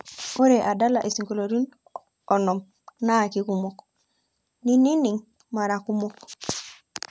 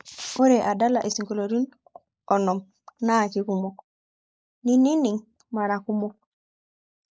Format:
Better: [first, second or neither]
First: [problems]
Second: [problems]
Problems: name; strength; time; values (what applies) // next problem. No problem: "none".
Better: first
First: none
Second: noise reduction (neural mask model Resemble Enhance denoiser)